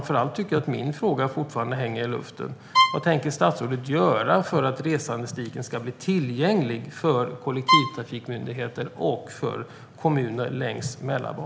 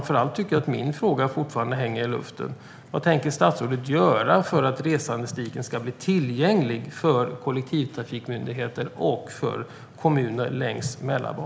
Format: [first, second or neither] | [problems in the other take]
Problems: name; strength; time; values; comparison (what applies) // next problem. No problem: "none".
second | background sound (Bowed string instrument); as loud as the speech